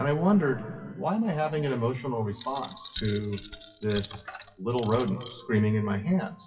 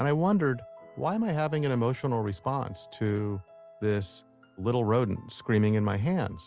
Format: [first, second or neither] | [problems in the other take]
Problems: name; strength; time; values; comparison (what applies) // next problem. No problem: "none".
second | noise reduction (classical method WPE with log-MMSE)